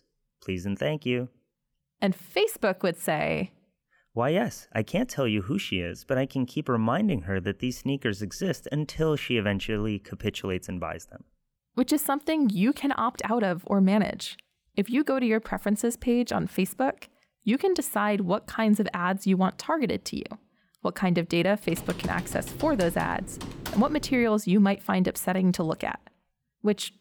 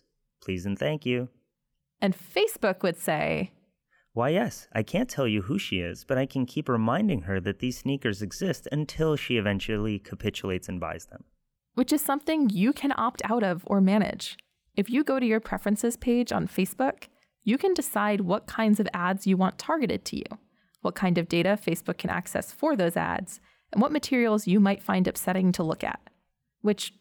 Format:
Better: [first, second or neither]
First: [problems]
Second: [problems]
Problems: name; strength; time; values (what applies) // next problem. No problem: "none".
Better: second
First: keyboard typing; noticeable; from 22 to 24 s; peak 10 dB below the speech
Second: none